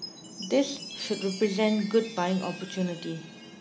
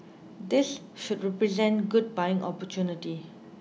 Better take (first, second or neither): second